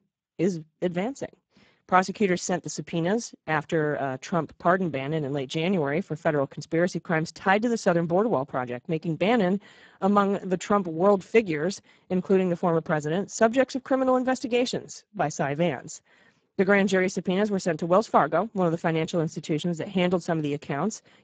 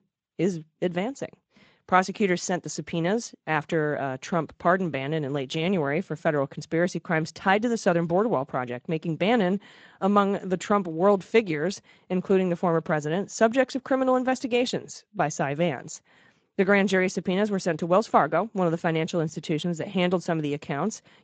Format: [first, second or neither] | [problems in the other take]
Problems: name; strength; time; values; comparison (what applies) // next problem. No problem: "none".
second | garbled, watery; badly; nothing above 7.5 kHz; slightly in the second